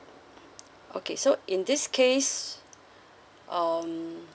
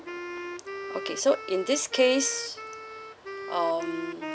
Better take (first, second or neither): first